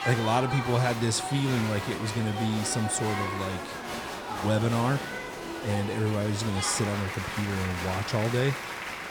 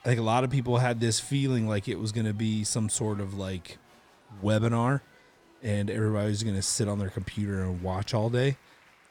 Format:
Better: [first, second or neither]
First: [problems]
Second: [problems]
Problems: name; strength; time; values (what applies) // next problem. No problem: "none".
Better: second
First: crowd noise; loud; throughout; 5 dB below the speech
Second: crowd noise; faint; throughout; 30 dB below the speech